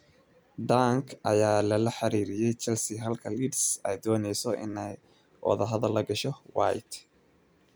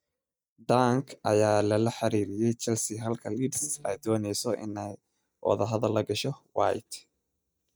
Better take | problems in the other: first | noise reduction (neural mask model DeepFilterNet 3)

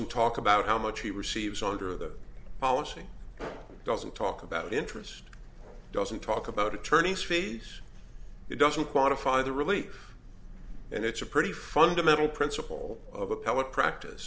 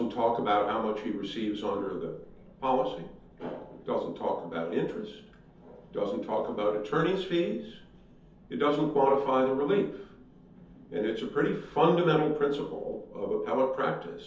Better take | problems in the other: first | room echo; dies away in 0.5 s

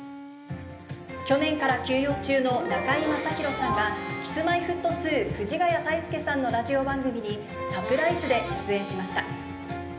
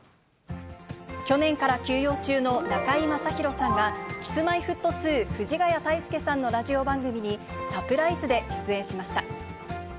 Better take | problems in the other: second | background sound (Harmonica); 15 dB below the speech // room echo; dies away in 0.8 s

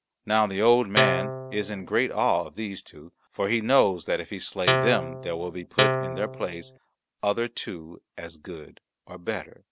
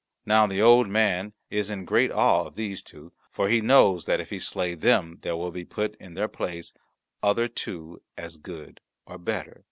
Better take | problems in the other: second | background sound (Guitar); 1 dB above the speech

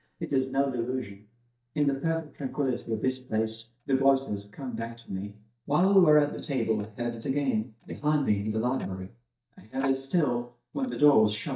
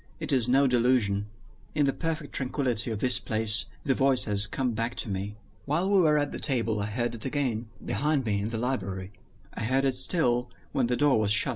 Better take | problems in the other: second | noise reduction (neural mask model DeepFilterNet 3)

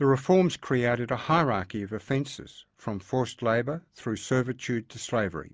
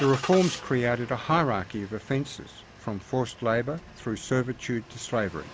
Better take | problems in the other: first | background sound (Engine starting); 15 dB below the speech

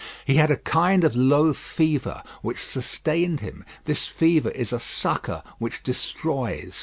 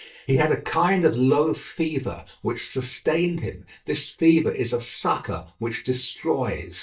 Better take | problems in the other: first | noise reduction (neural mask model DeepFilterNet 3)

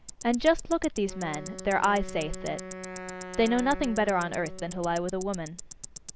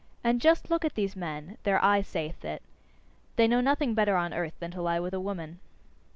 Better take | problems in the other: second | background sound (Tick-tock + Wind instrument, woodwind instrument); 13 dB below the speech

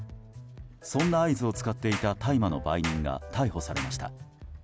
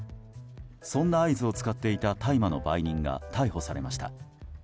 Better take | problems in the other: second | background sound (Clapping); 13 dB below the speech

